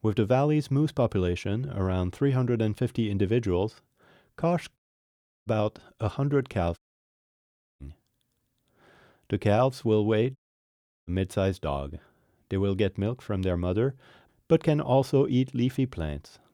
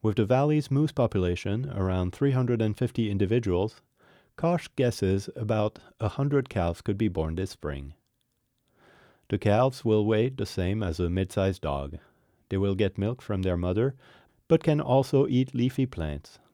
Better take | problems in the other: second | audio cutting out; at 5 s for 0.5 s, at 7 s for 1 s and at 10 s for 0.5 s

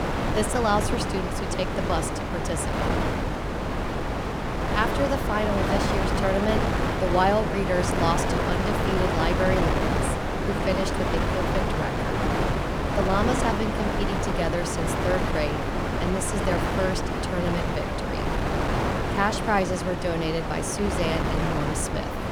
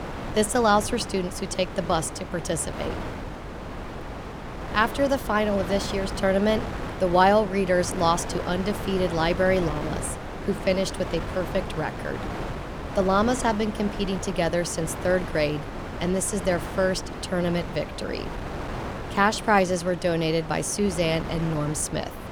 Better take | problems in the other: second | wind noise on the microphone; heavy; 1 dB above the speech; occasional gusts in the second

